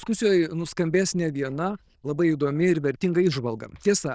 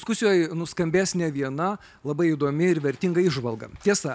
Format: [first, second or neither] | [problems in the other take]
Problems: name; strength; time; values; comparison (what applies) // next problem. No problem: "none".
second | noise reduction (neural diffusion model UNIVERSE++)